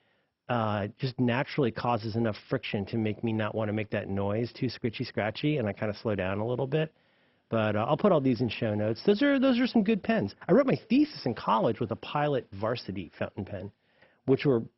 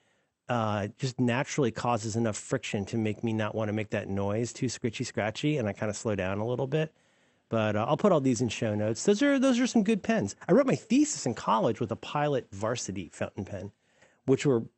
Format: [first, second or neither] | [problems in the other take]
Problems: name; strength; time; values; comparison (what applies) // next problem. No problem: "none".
second | garbled, watery; badly; nothing above 5.5 kHz; slightly in the second